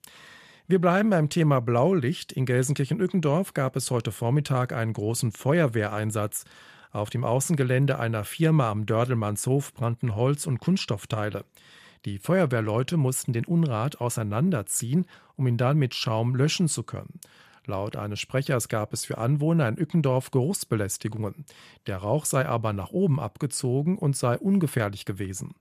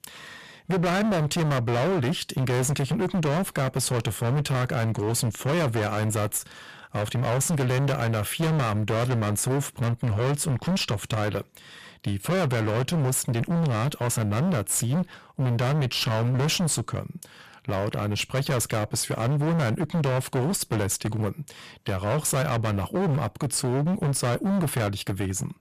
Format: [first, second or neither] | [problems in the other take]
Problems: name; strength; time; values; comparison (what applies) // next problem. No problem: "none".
first | distortion; heavy; 31% of the sound clipped